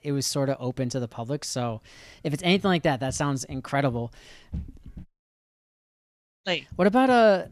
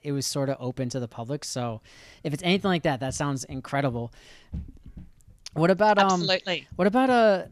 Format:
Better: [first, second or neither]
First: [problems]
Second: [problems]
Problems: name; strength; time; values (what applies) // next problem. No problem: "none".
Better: second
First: audio cutting out; at 5 s for 1.5 s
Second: none